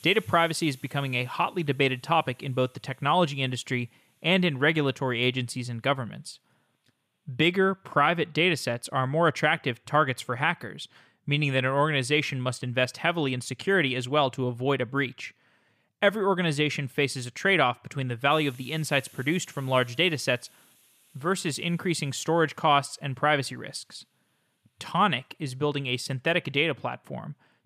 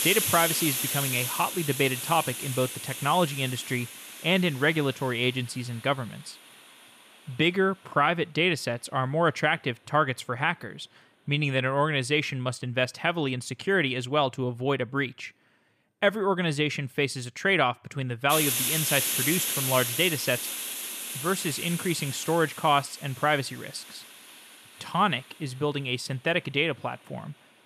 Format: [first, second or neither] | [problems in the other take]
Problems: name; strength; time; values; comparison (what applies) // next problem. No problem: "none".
first | hiss; loud; throughout; 3 dB below the speech; faint in the first